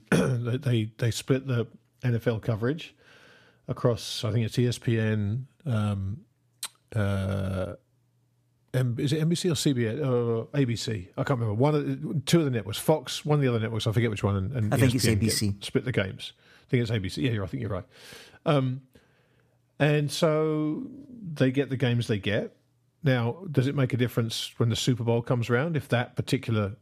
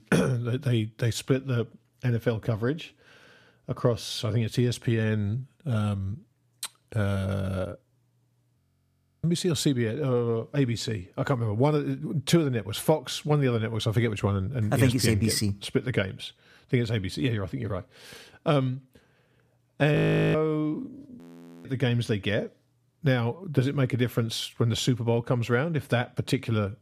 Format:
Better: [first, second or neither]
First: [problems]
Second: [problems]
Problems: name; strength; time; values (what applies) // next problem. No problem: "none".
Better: first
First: none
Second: audio freezing; at 8.5 s for 0.5 s, at 20 s and at 21 s